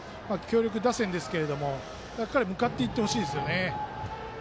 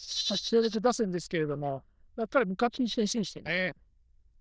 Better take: first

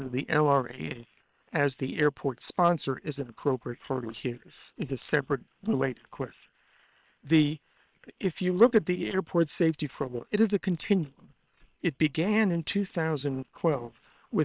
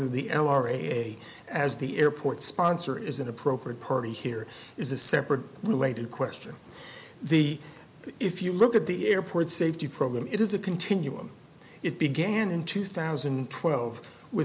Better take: second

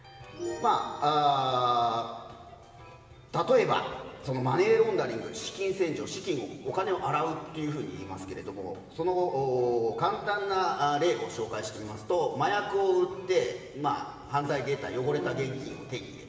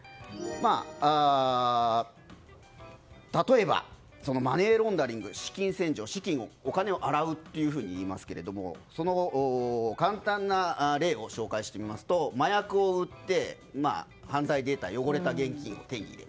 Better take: second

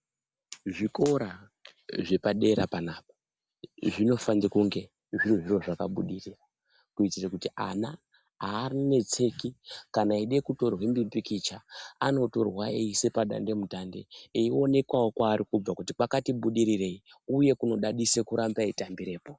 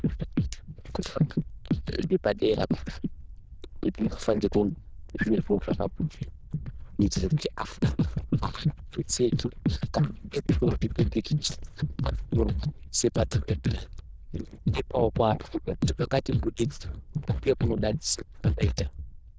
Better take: first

